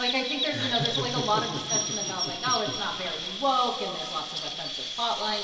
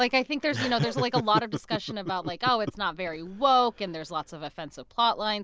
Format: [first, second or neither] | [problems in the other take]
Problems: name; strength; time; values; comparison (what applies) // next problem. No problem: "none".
second | background sound (Chirp, tweet); 3 dB below the speech // room echo; dies away in 2.3 s